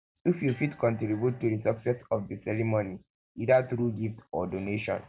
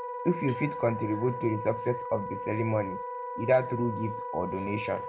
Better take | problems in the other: first | background sound (Wind instrument, woodwind instrument); 6 dB below the speech

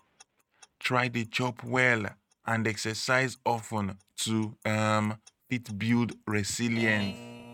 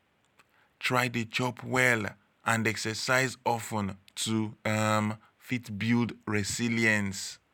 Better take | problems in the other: second | noise reduction (neural mask model RNNoise)

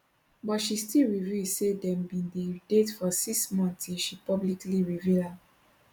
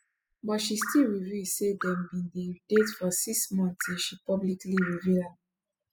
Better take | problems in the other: first | noise reduction (classical method spectral subtraction)

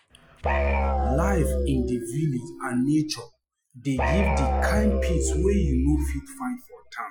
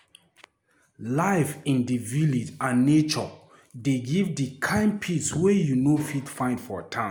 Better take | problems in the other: second | noise reduction (classical method Wiener filter)

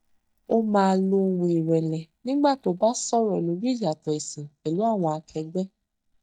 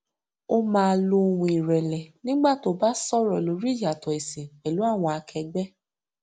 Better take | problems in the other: second | noise reduction (neural mask model DeepFilterNet 3)

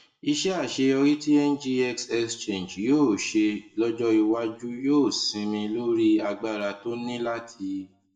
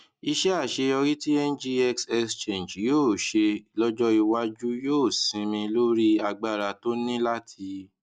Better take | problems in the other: second | room echo; dies away in 0.5 s

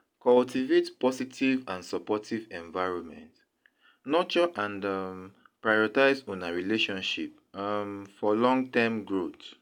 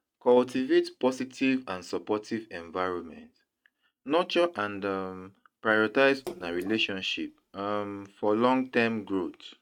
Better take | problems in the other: first | noise reduction (neural mask model RNNoise)

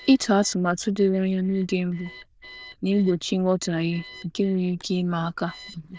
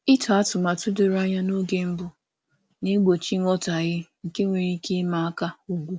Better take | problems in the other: second | noise reduction (neural diffusion model UNIVERSE++)

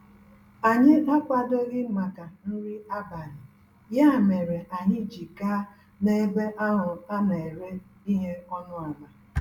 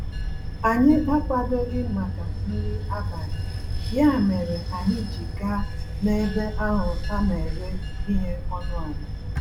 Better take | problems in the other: first | background sound (Bell / Train); 2 dB below the speech

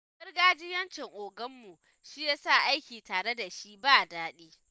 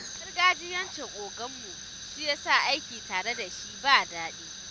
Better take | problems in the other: first | background sound (Fire); 11 dB below the speech

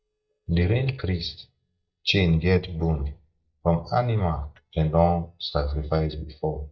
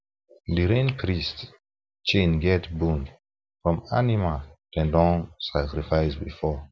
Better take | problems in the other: second | noise reduction (neural mask model DeepFilterNet 3)

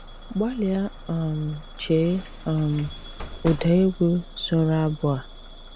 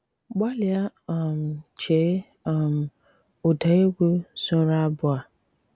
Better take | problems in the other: second | background sound (Bus / Alarm); 14 dB below the speech

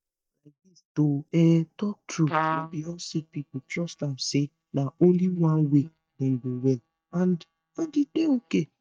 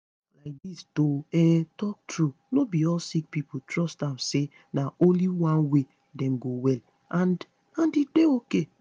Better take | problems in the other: second | noise reduction (neural mask model DeepFilterNet 3)

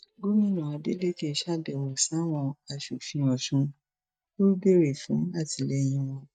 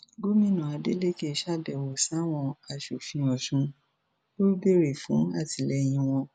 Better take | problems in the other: second | noise reduction (neural mask model DeepFilterNet 3)

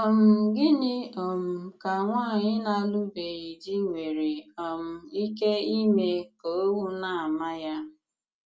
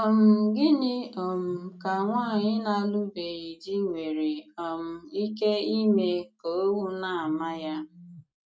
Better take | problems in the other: first | noise reduction (neural mask model RNNoise)

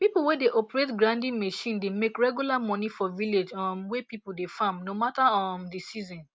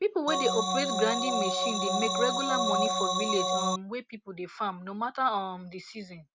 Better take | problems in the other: first | background sound (Organ); 3 dB above the speech

